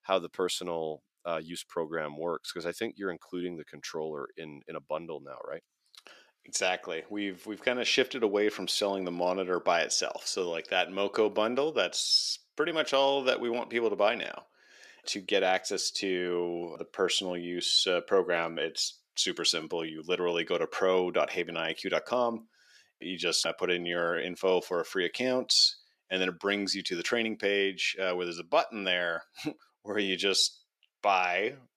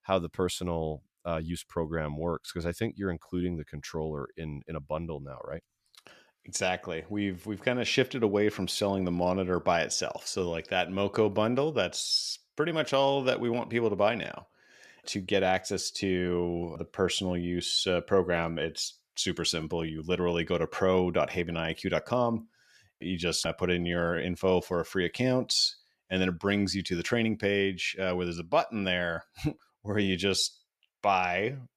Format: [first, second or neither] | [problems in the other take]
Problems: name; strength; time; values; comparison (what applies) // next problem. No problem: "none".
second | thin; very slightly; fading below 350 Hz